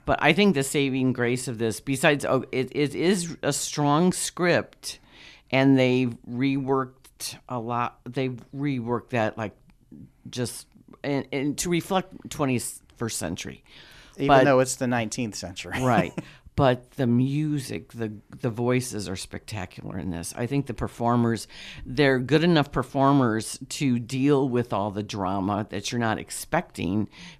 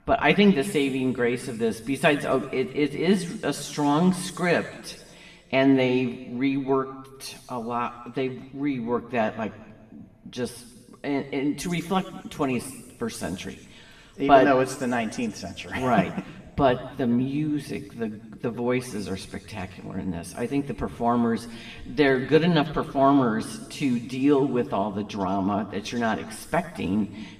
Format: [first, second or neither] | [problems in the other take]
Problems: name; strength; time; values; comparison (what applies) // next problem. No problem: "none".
first | room echo; slight; dies away in 1.6 s // off-mic speech; somewhat distant